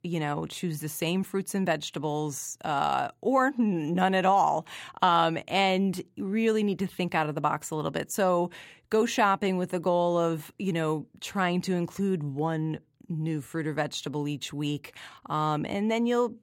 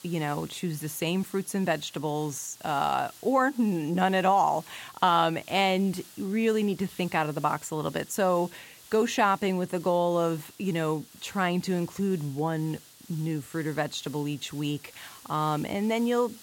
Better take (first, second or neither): first